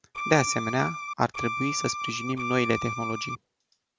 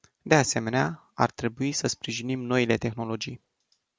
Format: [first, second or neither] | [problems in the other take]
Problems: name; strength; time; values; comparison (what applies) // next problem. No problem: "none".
second | background sound (Bowed string instrument); 4 dB below the speech